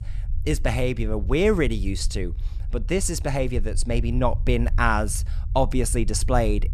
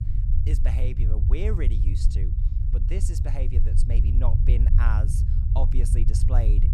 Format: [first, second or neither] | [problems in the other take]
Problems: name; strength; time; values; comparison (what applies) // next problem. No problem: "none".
first | low rumble; loud; throughout; 3 dB below the speech; faint in the first